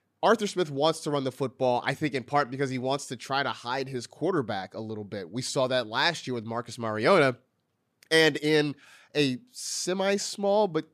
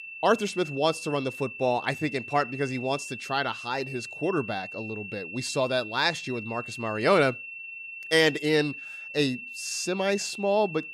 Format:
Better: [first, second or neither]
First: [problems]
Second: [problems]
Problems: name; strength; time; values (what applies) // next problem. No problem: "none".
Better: first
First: none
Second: high-pitched whine; noticeable; throughout; 2.5 kHz, 10 dB below the speech